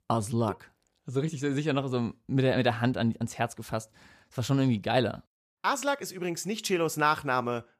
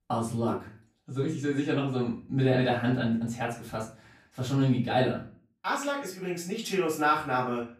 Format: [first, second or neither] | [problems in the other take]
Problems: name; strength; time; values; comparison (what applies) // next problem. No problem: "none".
first | off-mic speech; far // room echo; slight; dies away in 0.4 s